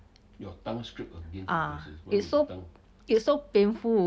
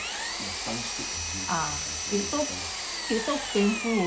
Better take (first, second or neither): first